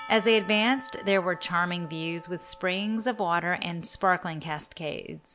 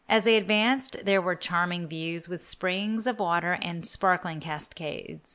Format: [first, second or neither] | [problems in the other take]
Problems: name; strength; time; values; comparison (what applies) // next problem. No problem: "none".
second | background sound (Church bell / Percussion); 19 dB below the speech